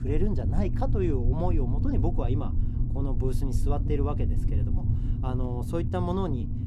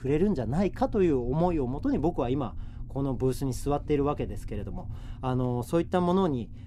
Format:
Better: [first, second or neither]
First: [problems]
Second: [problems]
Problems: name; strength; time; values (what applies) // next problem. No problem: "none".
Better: second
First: low rumble; loud; throughout; 7 dB below the speech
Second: low rumble; faint; throughout; 25 dB below the speech